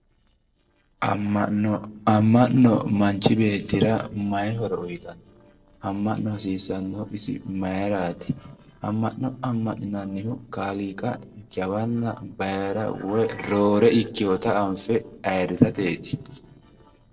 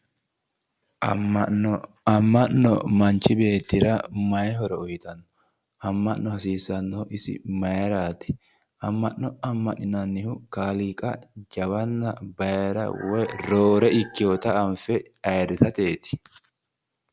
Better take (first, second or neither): second